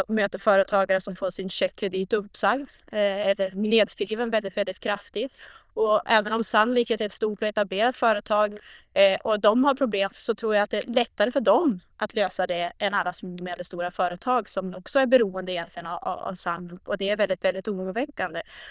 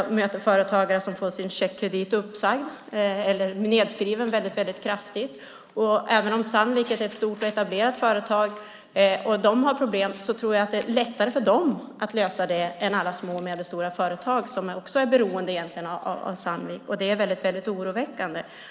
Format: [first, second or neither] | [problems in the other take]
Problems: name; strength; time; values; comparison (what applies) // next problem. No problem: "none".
second | noise reduction (neural diffusion model UNIVERSE++)